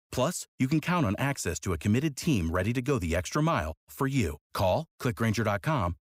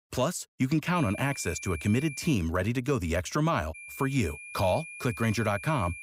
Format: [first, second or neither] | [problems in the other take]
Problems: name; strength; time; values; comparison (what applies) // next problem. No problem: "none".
first | high-pitched whine; noticeable; from 1 to 2.5 s and from 3.5 s on; 2.5 kHz, 10 dB below the speech